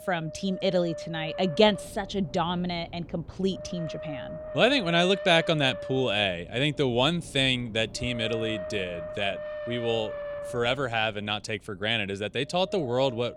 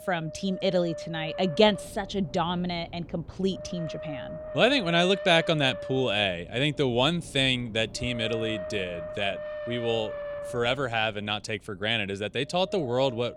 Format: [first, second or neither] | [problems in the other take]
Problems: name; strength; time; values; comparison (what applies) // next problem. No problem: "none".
neither | wind noise on the microphone; occasional gusts; 10 dB below the speech; the same in both